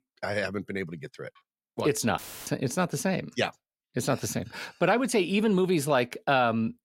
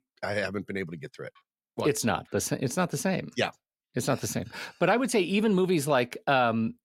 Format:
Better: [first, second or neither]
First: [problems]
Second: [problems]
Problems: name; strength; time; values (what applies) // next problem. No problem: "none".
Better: second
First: audio cutting out; filled with static; at 2 s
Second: none